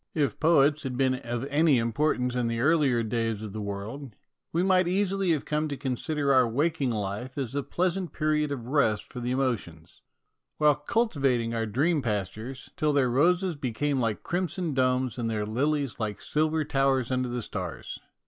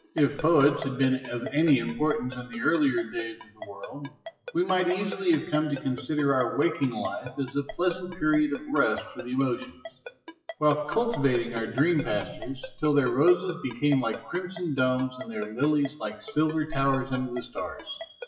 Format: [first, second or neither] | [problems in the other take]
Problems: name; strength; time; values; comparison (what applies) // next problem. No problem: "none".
first | noise reduction (classical method WPE with log-MMSE)